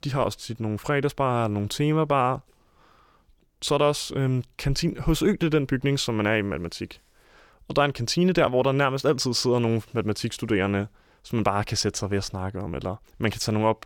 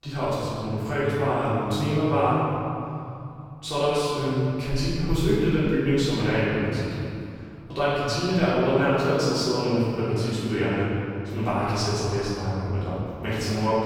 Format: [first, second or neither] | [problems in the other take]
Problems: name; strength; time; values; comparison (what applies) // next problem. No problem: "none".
first | off-mic speech; far // room echo; strong; dies away in 2.6 s